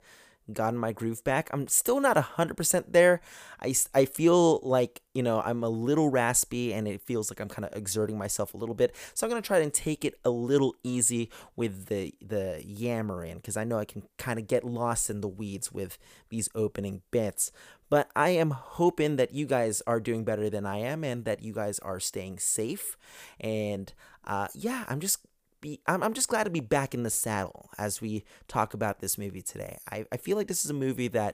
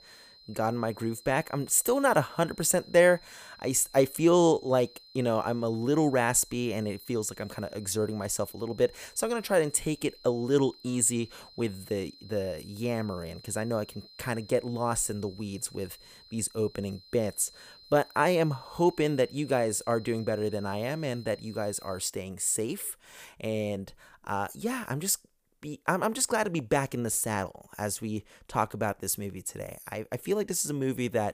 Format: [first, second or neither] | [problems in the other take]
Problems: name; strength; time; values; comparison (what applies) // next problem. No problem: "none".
first | high-pitched whine; faint; until 22 s; 4 kHz, 25 dB below the speech